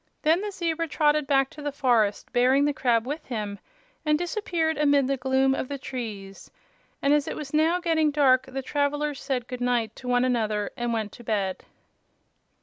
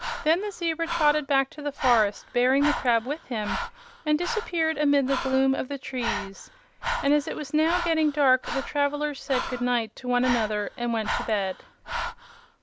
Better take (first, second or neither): first